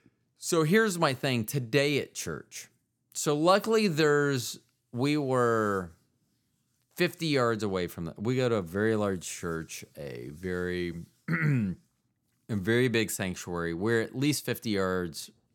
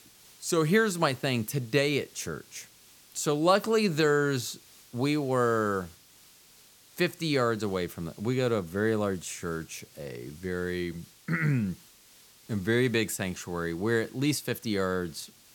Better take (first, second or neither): first